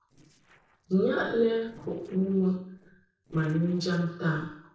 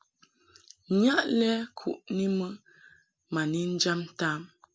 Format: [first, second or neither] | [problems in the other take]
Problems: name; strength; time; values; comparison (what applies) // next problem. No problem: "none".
second | noise reduction (neural separator model SepFormer DNS4)